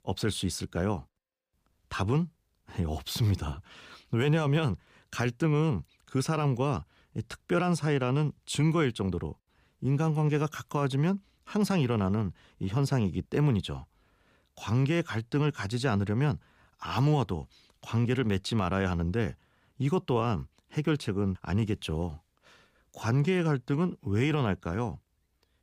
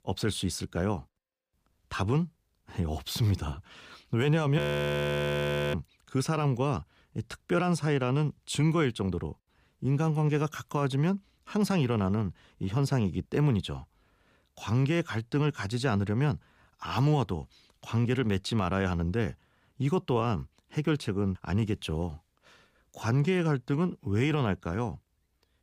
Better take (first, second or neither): first